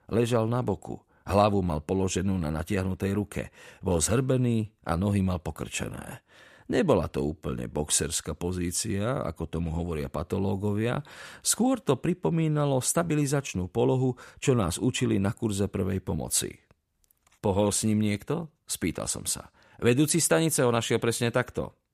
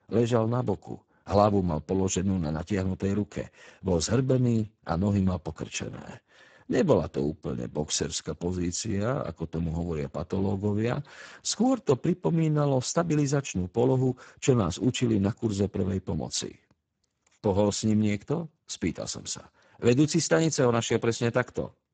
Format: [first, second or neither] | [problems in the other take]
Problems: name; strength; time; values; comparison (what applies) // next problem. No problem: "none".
first | garbled, watery; badly; nothing above 7.5 kHz